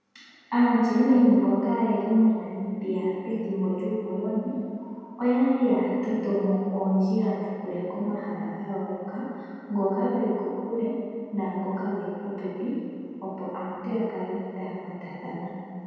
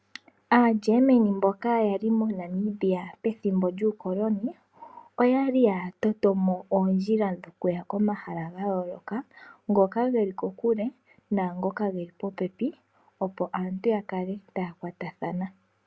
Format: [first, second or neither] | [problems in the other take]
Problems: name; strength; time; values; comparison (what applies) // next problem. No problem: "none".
second | room echo; dies away in 2.1 s